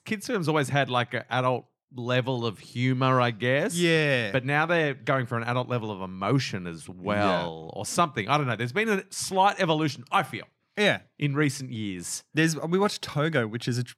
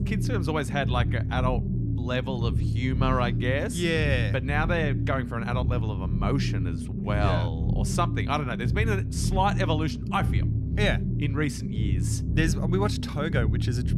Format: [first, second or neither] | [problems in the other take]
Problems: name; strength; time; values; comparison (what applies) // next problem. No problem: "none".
first | low rumble; loud; throughout; 10 dB below the speech